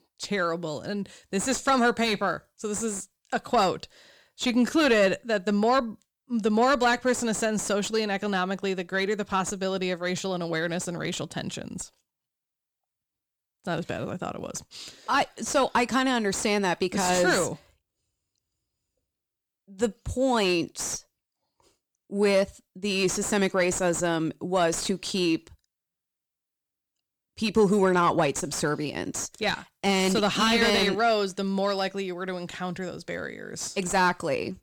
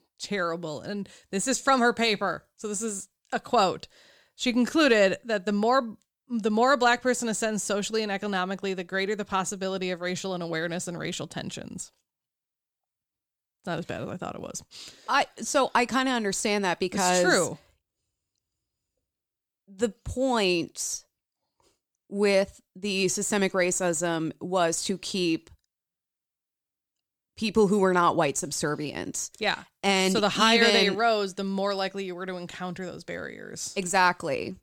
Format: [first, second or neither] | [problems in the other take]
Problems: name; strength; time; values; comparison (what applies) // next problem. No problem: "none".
second | distortion; slight; 10 dB below the speech